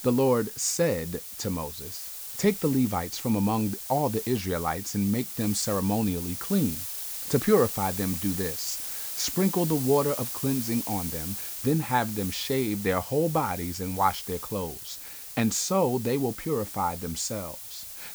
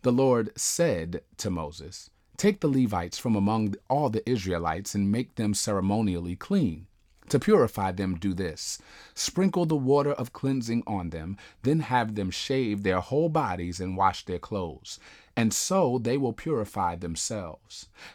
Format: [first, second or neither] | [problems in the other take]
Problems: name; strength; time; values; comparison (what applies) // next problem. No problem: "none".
second | hiss; loud; throughout; 7 dB below the speech